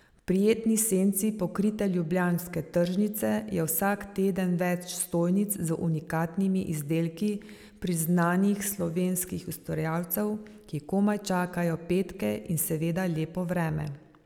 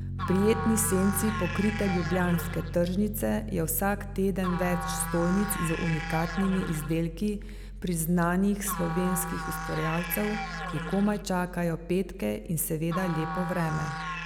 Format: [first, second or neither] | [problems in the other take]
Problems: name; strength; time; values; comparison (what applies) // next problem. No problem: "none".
first | background sound (Musical instrument + Piano); 6 dB below the speech